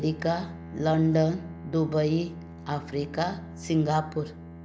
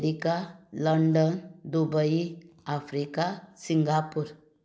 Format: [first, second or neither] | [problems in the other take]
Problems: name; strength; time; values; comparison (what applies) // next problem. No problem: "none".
second | background sound (Bowed string instrument); 14 dB below the speech